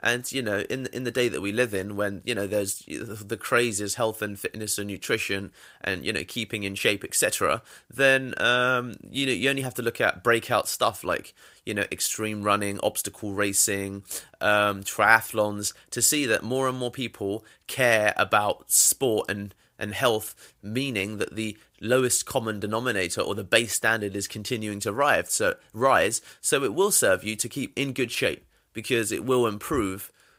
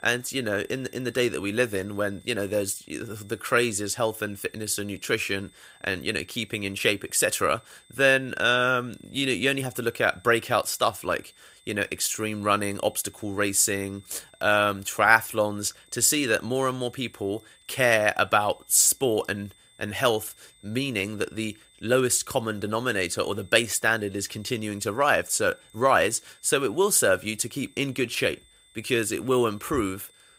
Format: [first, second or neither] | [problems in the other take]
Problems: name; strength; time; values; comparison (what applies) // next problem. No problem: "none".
first | high-pitched whine; faint; throughout; 3.5 kHz, 30 dB below the speech